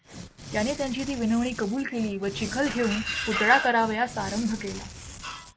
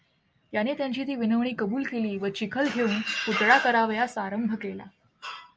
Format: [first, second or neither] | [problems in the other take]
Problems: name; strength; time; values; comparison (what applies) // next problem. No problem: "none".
second | background sound (Tearing); 13 dB below the speech